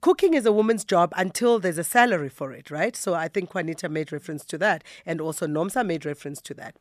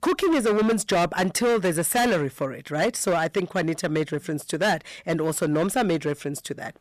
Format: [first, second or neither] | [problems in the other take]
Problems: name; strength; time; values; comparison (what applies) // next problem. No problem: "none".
first | distortion; heavy; 15% of the sound clipped